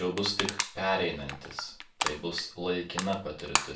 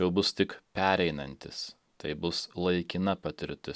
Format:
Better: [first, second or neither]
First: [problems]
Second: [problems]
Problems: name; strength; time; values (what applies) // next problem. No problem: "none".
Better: second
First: background sound (Crushing); 3 dB below the speech // room echo; dies away in 0.3 s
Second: none